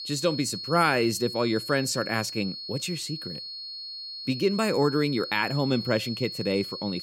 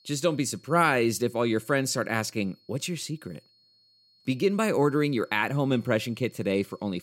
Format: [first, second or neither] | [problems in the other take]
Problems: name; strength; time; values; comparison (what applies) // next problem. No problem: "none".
second | high-pitched whine; loud; throughout; 4.5 kHz, 8 dB below the speech; faint in the second